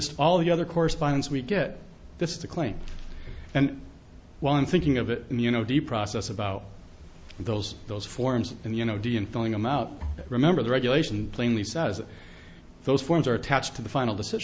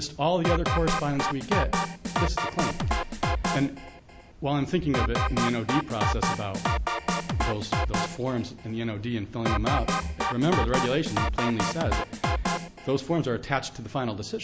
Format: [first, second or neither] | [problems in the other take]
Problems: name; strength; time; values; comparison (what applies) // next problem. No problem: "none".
first | background sound (Drum kit); 1 dB above the speech